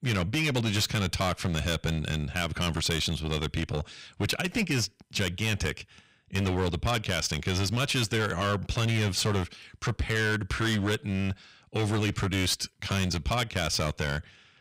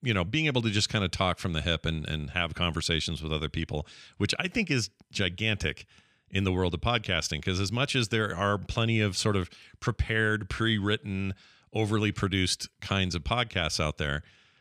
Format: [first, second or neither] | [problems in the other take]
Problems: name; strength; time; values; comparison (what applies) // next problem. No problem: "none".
second | distortion; heavy; 14% of the sound clipped